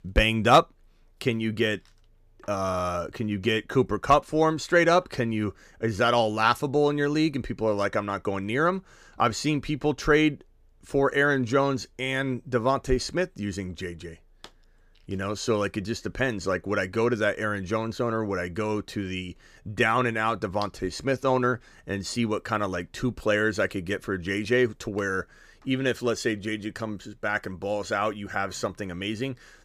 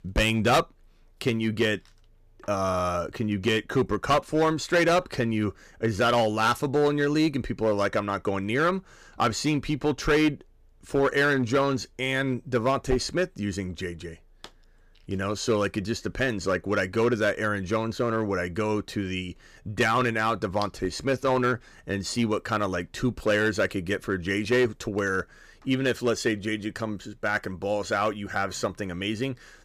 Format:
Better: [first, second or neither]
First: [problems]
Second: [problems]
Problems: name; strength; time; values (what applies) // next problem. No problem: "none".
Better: first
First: none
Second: distortion; slight; 4% of the sound clipped